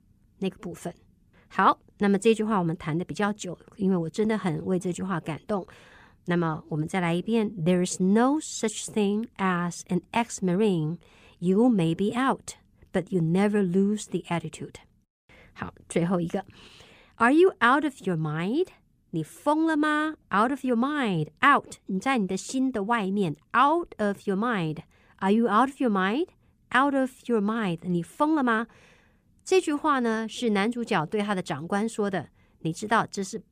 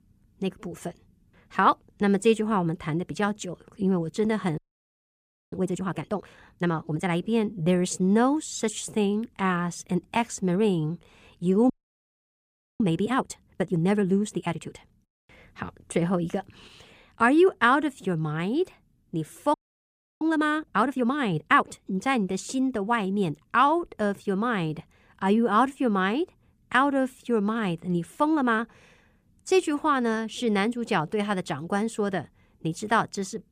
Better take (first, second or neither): first